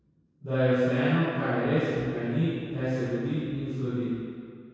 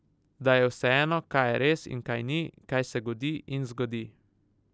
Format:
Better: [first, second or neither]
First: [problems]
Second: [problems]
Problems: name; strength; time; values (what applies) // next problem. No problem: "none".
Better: second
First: room echo; dies away in 2 s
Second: none